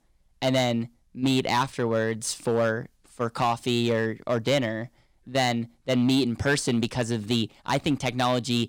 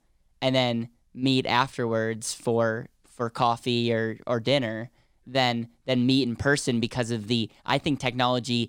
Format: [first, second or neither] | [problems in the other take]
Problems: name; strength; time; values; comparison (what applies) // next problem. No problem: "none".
second | distortion; slight; 4% of the sound clipped